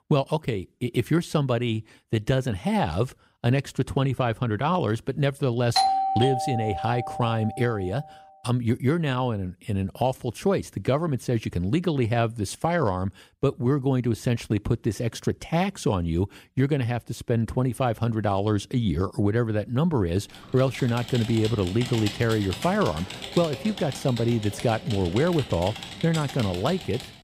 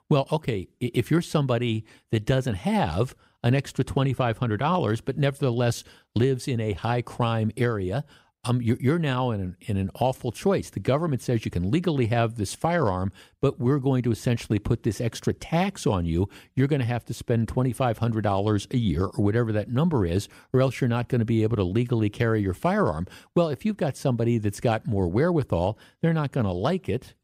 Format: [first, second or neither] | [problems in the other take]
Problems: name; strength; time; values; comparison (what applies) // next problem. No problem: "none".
second | doorbell; loud; from 6 to 7.5 s; peak 4 dB above the speech // keyboard typing; noticeable; from 20 s on; peak 7 dB below the speech